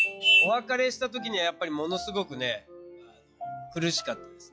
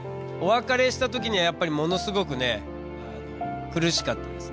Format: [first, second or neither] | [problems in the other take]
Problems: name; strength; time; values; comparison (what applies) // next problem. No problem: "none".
second | noise reduction (classical method log-MMSE)